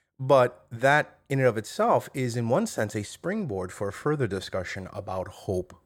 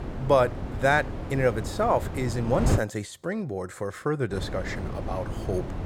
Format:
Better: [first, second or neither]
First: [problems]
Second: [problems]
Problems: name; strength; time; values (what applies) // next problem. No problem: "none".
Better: first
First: none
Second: wind noise on the microphone; occasional gusts; until 3 s and from 4.5 s on; 10 dB below the speech